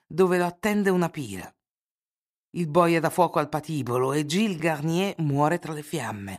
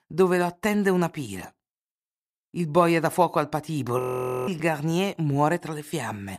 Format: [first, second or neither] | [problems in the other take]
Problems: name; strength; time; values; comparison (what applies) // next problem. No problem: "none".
first | audio freezing; at 4 s